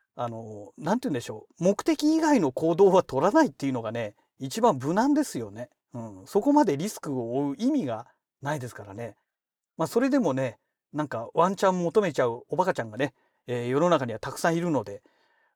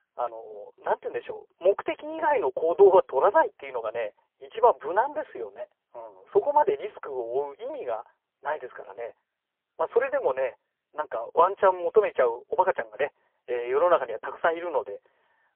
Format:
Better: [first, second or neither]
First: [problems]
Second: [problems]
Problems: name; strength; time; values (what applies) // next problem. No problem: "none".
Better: first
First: none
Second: phone-call audio; poor line; nothing above 3.5 kHz